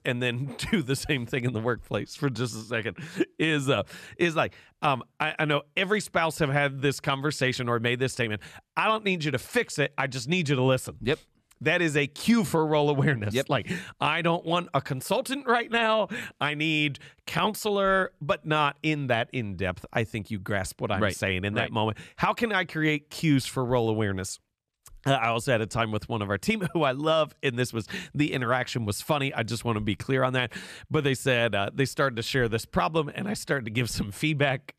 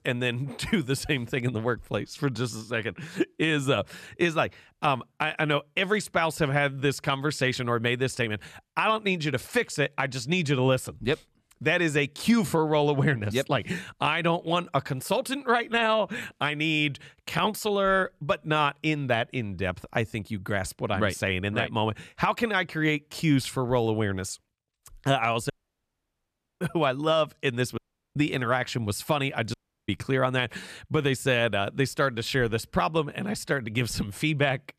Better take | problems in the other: first | audio cutting out; at 26 s for 1 s, at 28 s and at 30 s

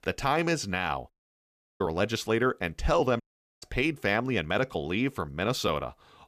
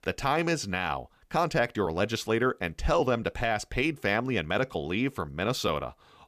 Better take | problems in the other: second | audio cutting out; at 1 s for 0.5 s and at 3 s

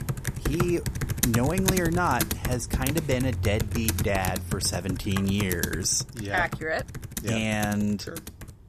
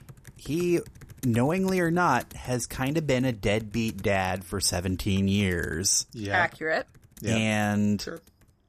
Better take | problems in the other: second | household noises; loud; throughout; 3 dB below the speech; faint in the second

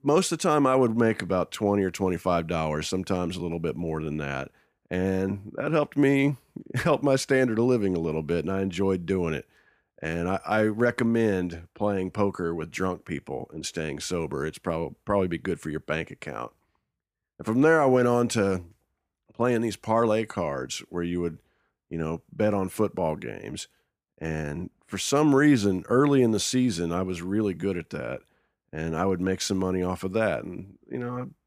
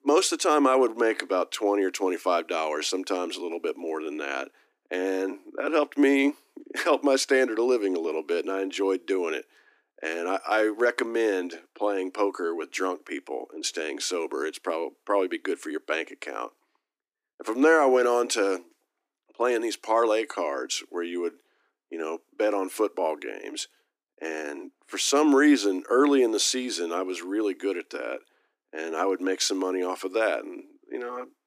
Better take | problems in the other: first | thin; very slightly; fading below 300 Hz

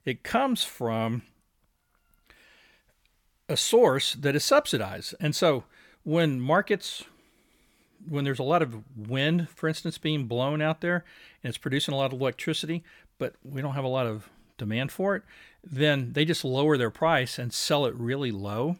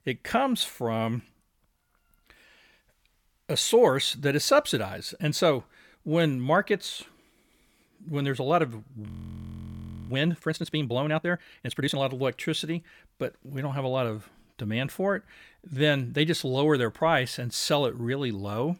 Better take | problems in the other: first | audio freezing; at 9 s for 1 s

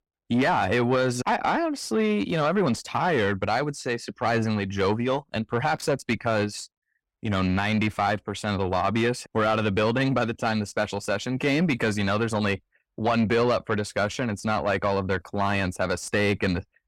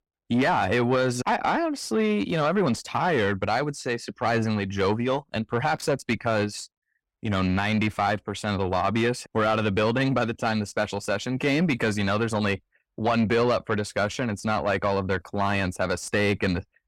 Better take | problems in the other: neither | distortion; slight; 10 dB below the speech; the same in both

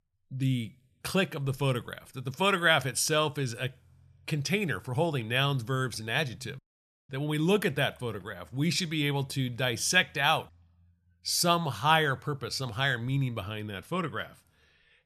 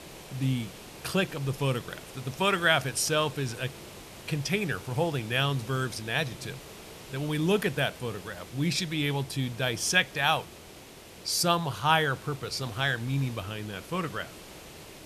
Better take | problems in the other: first | hiss; noticeable; throughout; 15 dB below the speech

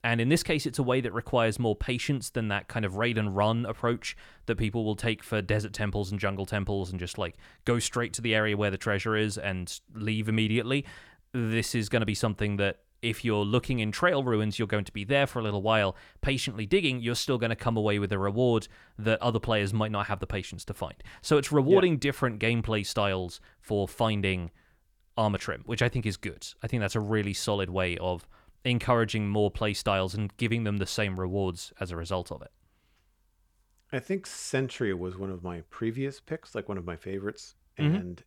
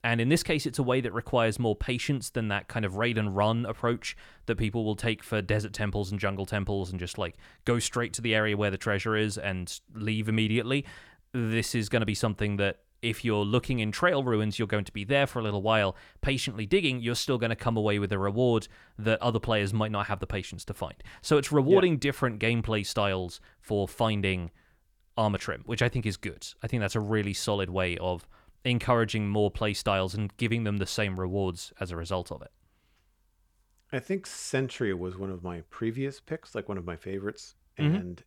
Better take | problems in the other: neither | none

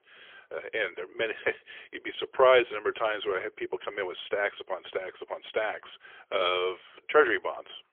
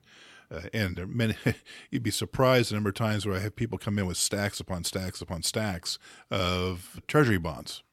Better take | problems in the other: second | phone-call audio; poor line; nothing above 3.5 kHz

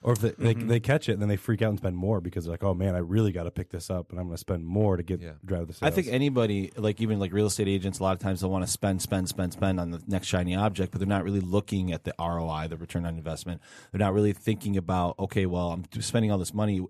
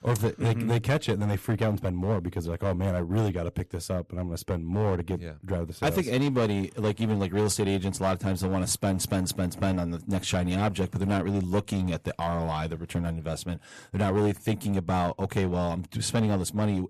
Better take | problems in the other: first | distortion; slight; 8% of the sound clipped

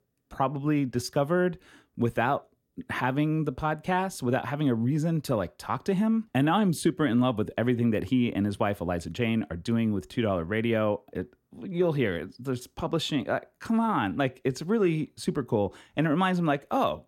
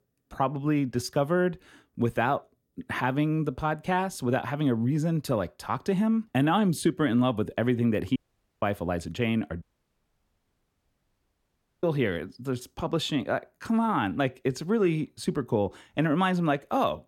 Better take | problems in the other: first | audio cutting out; at 8 s and at 9.5 s for 2 s

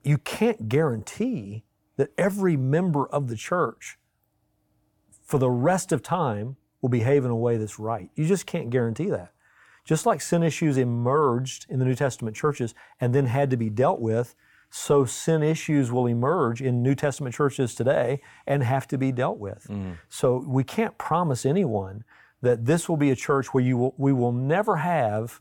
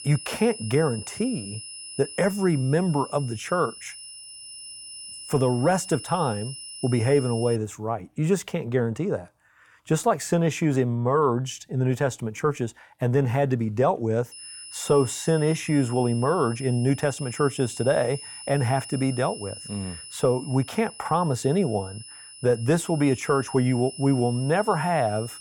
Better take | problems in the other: first | high-pitched whine; noticeable; until 7.5 s and from 14 s on; 10 kHz, 15 dB below the speech

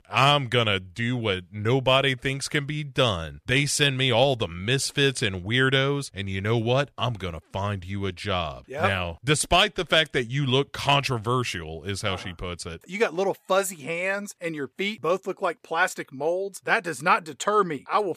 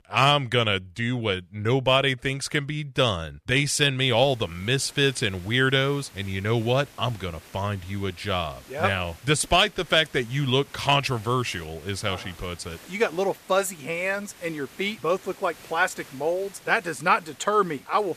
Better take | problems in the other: first | hiss; faint; from 4 s on; 25 dB below the speech

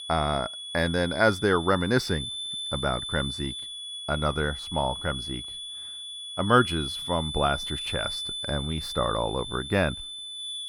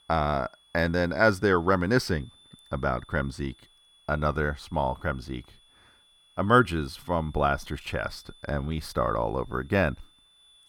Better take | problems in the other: second | high-pitched whine; loud; throughout; 3.5 kHz, 6 dB below the speech; faint in the second

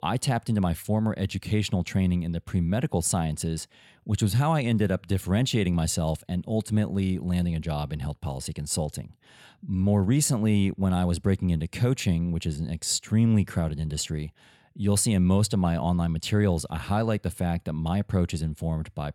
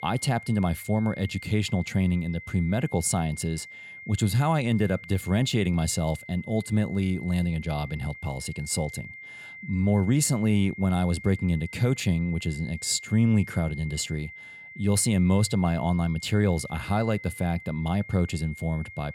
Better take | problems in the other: first | high-pitched whine; noticeable; throughout; 2 kHz, 15 dB below the speech

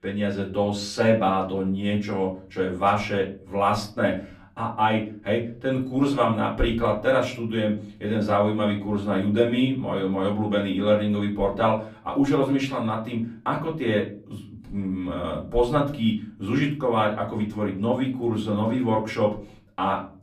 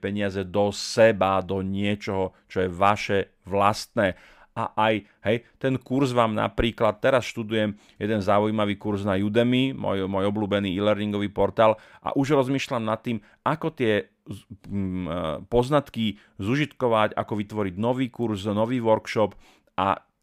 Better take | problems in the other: second | off-mic speech; far // room echo; very slight; dies away in 0.4 s

